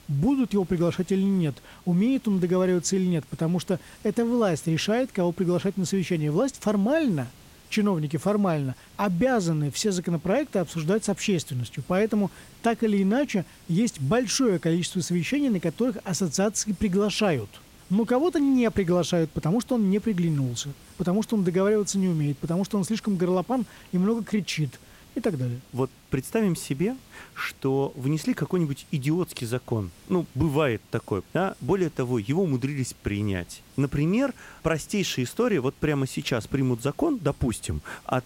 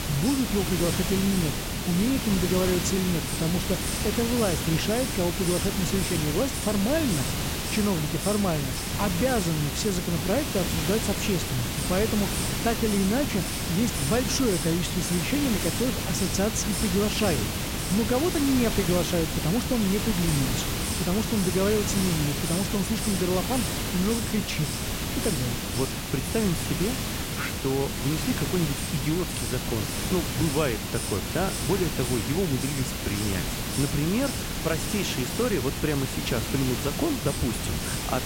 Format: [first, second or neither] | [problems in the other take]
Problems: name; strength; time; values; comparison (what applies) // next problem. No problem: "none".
first | hiss; loud; throughout; 1 dB below the speech; faint in the first